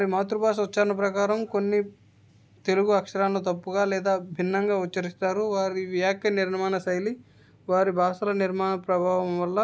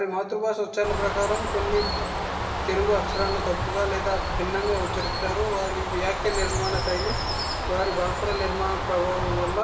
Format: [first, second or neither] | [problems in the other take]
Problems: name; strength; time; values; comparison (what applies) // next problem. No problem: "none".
first | background sound (Bird); 1 dB below the speech // room echo; dies away in 2.1 s